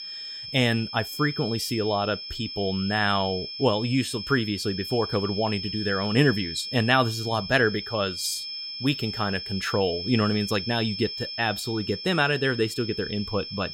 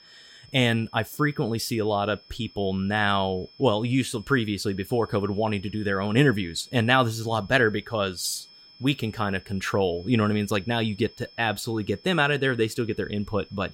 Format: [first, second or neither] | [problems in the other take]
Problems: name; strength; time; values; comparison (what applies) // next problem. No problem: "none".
second | high-pitched whine; loud; throughout; 5.5 kHz, 7 dB below the speech; faint in the second